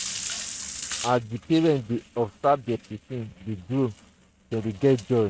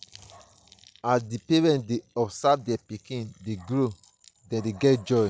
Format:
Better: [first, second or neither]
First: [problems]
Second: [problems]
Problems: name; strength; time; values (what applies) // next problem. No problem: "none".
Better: second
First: noise reduction (neural mask model RNNoise)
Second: none